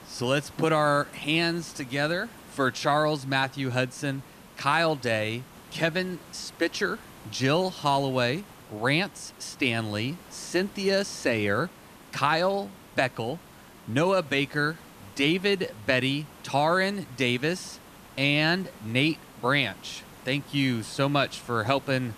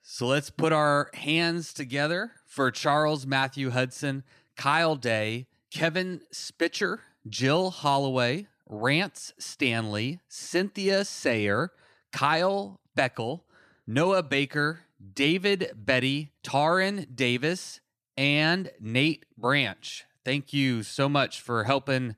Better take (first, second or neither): second